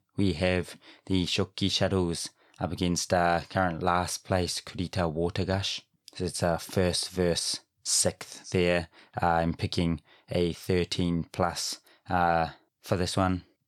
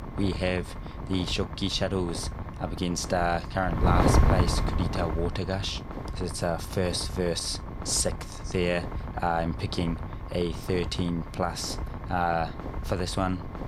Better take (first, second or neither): first